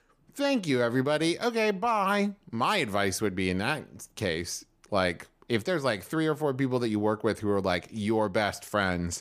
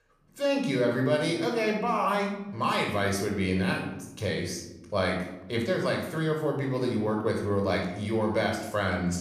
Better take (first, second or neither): first